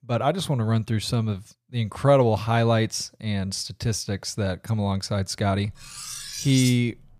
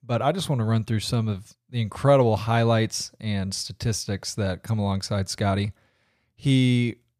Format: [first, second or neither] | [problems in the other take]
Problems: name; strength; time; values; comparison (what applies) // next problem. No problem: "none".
second | clattering dishes; noticeable; from 5.5 s on; peak 5 dB below the speech